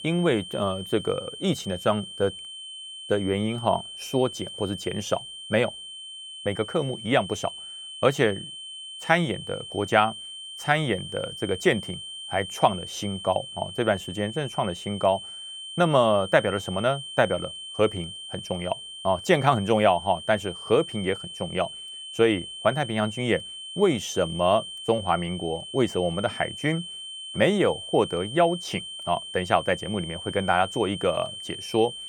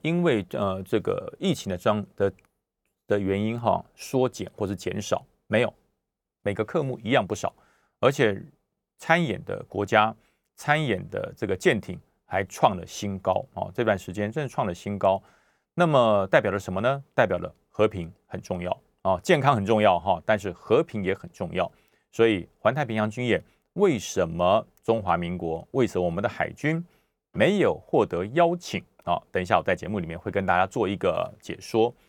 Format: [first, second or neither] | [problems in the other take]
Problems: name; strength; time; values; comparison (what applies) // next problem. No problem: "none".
second | high-pitched whine; noticeable; throughout; 3 kHz, 10 dB below the speech